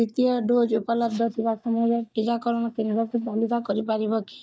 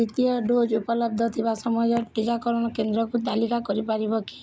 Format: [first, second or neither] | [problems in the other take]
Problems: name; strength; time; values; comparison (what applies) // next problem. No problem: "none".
second | noise reduction (neural mask model DeepFilterNet 3)